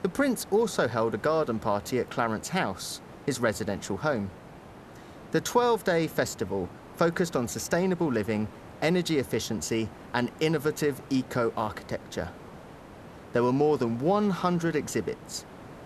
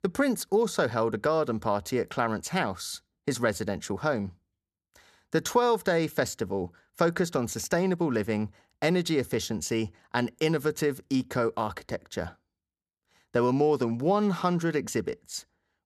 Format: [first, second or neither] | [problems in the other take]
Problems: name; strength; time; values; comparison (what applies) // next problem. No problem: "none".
second | hiss; noticeable; throughout; 20 dB below the speech